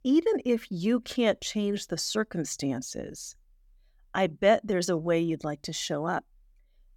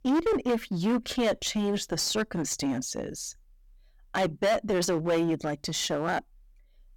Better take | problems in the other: first | distortion; heavy; 12% of the sound clipped

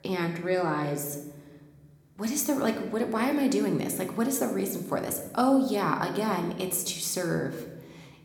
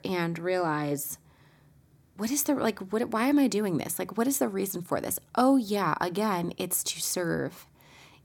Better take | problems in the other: second | room echo; slight; dies away in 0.9 s

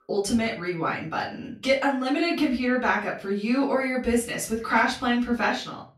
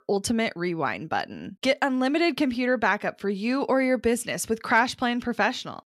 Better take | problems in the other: second | room echo; slight; dies away in 0.3 s // off-mic speech; far

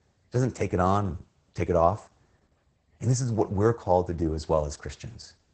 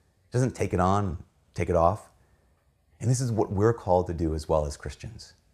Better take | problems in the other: second | garbled, watery; badly; nothing above 8 kHz

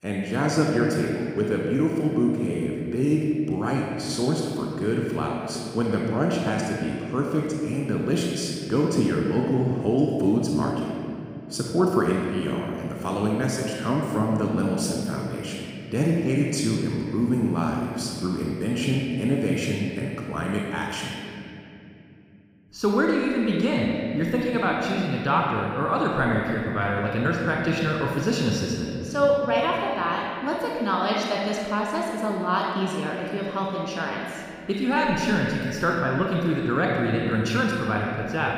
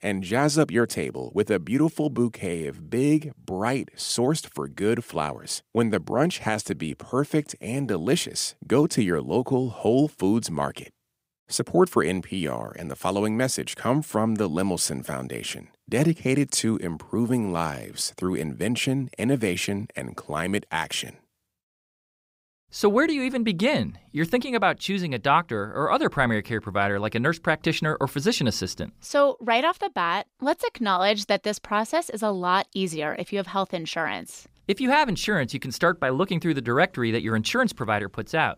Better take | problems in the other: second | off-mic speech; somewhat distant // room echo; strong; dies away in 3 s

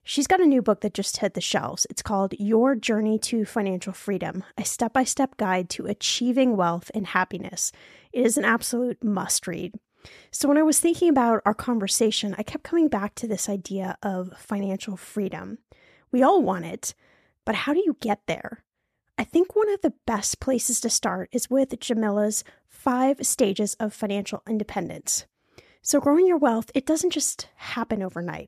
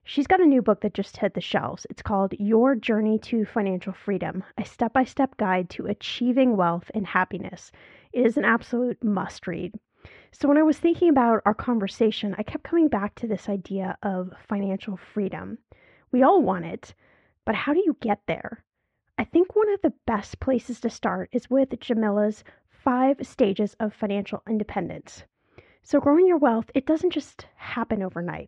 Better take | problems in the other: first | muffled; very; fading above 3 kHz

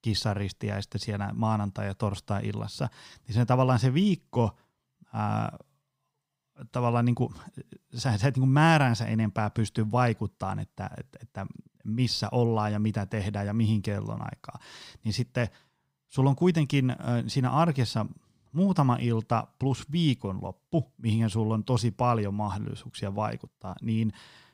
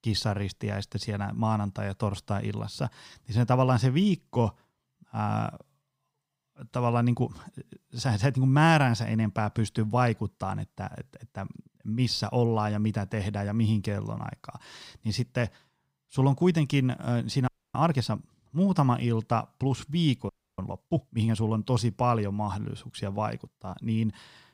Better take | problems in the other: first | audio freezing; at 17 s and at 20 s

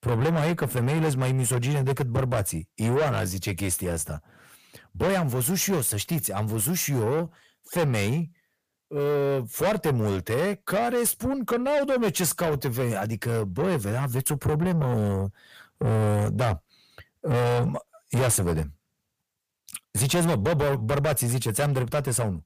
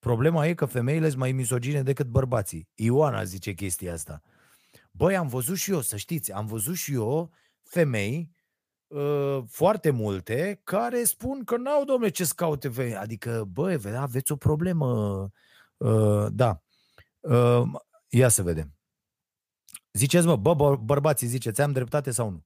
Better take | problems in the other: second | distortion; heavy; 6 dB below the speech

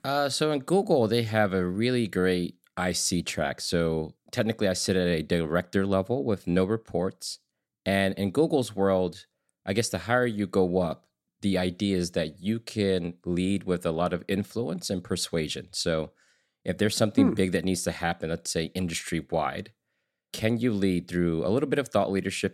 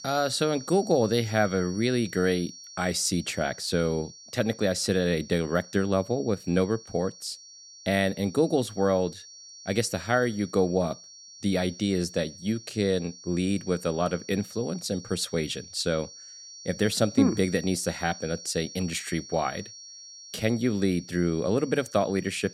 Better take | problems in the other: first | high-pitched whine; noticeable; throughout; 5.5 kHz, 15 dB below the speech

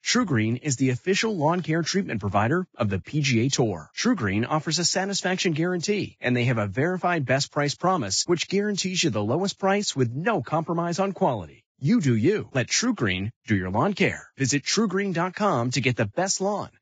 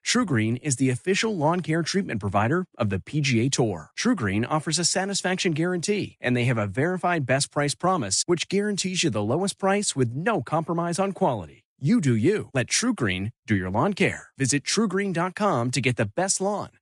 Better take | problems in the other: second | garbled, watery; badly; nothing above 7.5 kHz; slightly in the second

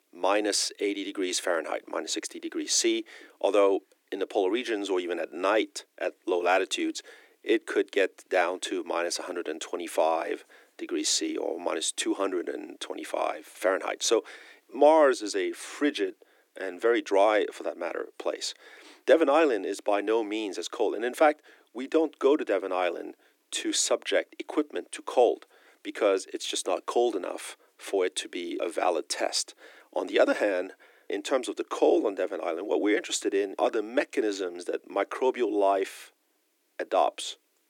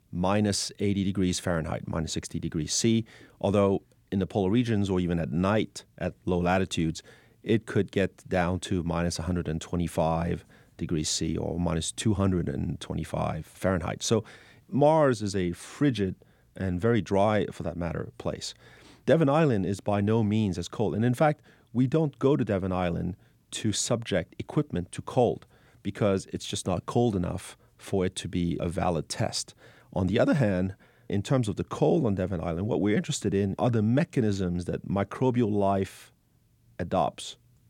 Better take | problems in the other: second | thin; very; fading below 300 Hz

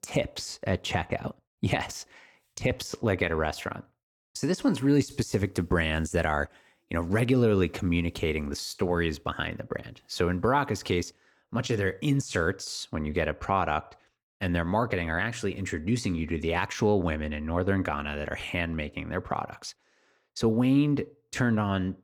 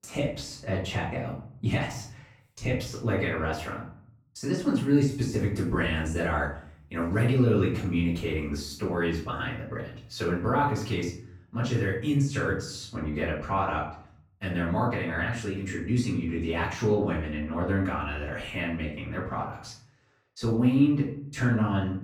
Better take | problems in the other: first | off-mic speech; far // room echo; noticeable; dies away in 0.5 s

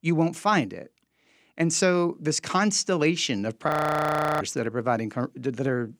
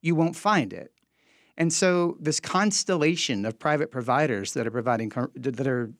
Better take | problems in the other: second | audio freezing; at 3.5 s for 0.5 s

